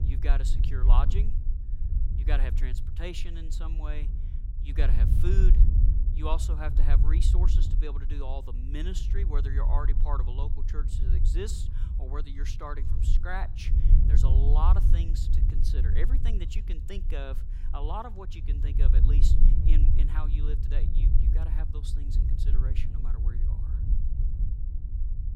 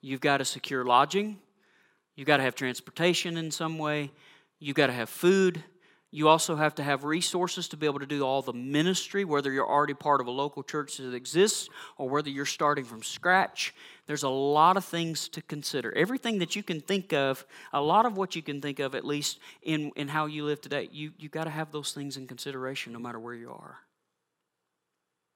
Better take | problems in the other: second | low rumble; loud; throughout; 6 dB below the speech

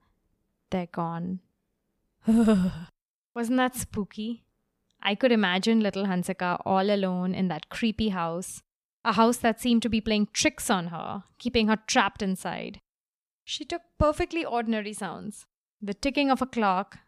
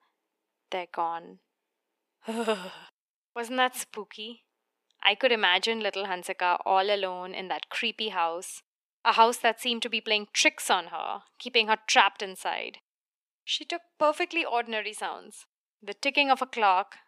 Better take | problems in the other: first | thin; very; fading below 350 Hz

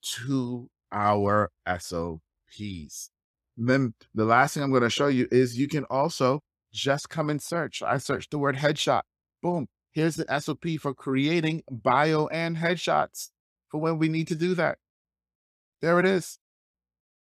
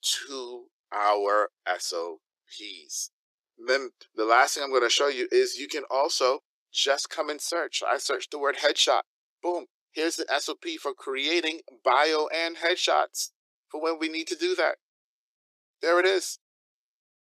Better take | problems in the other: first | thin; very; fading below 350 Hz

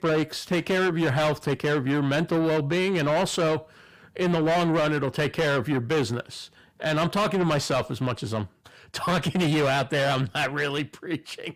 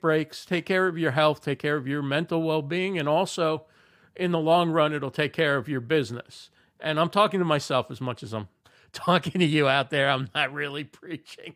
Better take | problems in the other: second | distortion; heavy; 5 dB below the speech

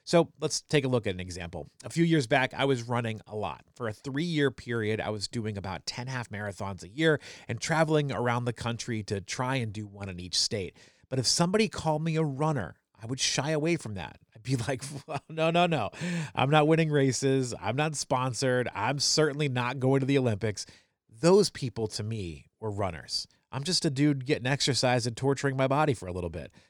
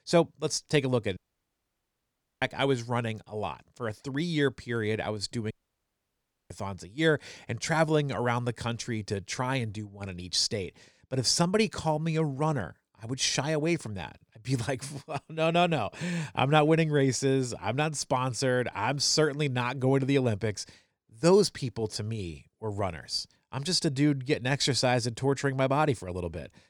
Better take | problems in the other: first | audio cutting out; at 1 s for 1.5 s and at 5.5 s for 1 s

